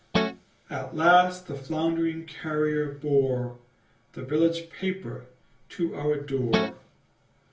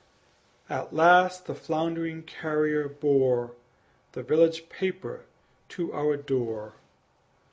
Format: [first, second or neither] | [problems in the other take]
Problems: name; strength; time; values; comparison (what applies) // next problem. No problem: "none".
second | background sound (Guitar); as loud as the speech // room echo; dies away in 0.3 s